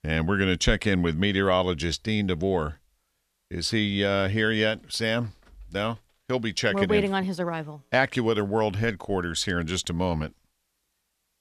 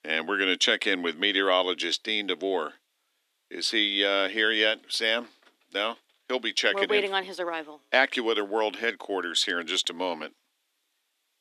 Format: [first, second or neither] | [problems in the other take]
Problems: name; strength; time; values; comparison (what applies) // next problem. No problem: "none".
first | thin; somewhat; fading below 300 Hz